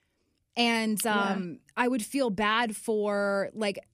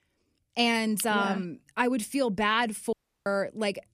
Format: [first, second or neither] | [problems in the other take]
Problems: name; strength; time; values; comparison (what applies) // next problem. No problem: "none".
first | audio cutting out; at 3 s